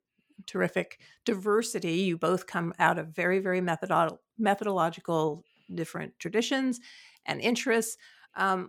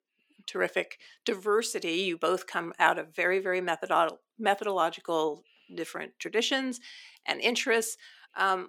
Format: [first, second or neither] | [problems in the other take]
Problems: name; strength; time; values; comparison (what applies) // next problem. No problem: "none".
first | thin; somewhat; fading below 300 Hz